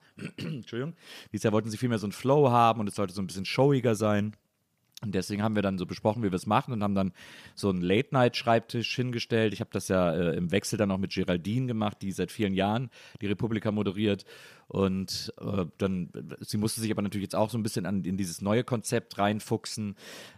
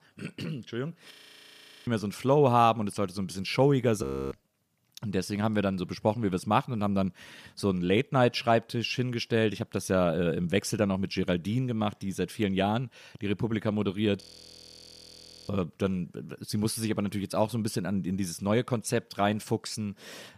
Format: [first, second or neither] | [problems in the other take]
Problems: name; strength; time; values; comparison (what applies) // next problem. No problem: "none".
first | audio freezing; at 1 s for 1 s, at 4 s and at 14 s for 1.5 s